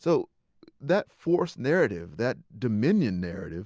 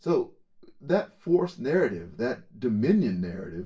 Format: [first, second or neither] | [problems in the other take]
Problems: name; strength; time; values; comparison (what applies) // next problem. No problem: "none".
first | room echo; dies away in 0.2 s